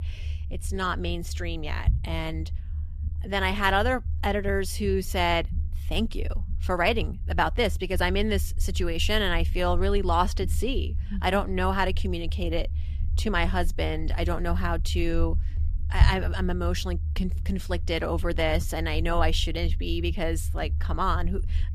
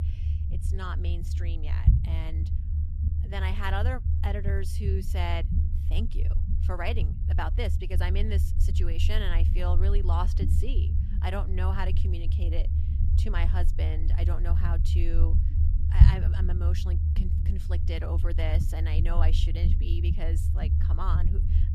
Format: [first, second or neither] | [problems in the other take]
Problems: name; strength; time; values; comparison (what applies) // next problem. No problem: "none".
first | low rumble; loud; throughout; 6 dB below the speech; faint in the first